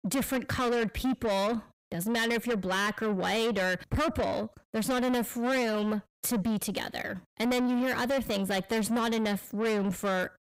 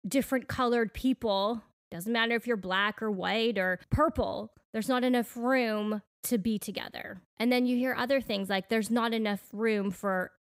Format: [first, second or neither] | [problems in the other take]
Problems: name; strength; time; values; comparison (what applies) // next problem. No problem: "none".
second | distortion; heavy; 7 dB below the speech